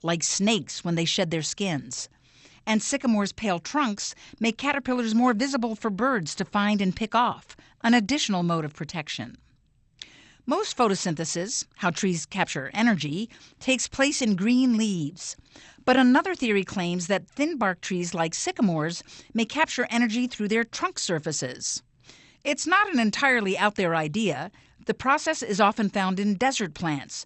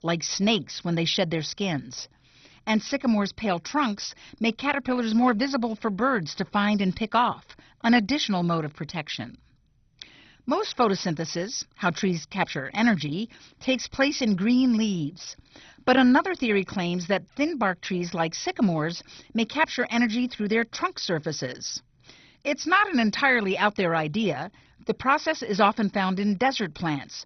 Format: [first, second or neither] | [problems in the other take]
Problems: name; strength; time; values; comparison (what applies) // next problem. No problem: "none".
first | garbled, watery; badly; nothing above 6 kHz; slightly in the first